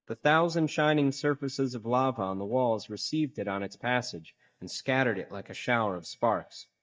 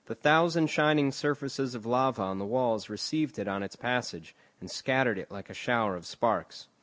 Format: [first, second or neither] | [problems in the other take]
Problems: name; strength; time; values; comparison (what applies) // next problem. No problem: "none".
second | noise reduction (neural mask model DeepFilterNet 3)